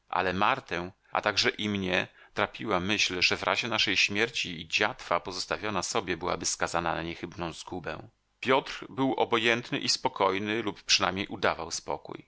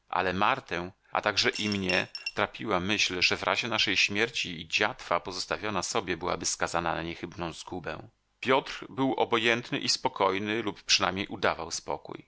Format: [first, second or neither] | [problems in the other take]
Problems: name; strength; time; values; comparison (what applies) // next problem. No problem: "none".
first | background sound (Coin (dropping) / Glass); 8 dB below the speech